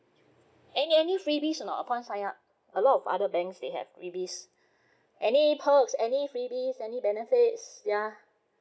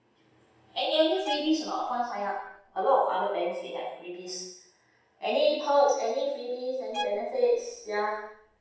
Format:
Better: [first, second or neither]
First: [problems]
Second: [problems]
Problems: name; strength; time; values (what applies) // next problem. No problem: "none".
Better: first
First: none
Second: background sound (Bowed string instrument); 13 dB below the speech // room echo; dies away in 0.7 s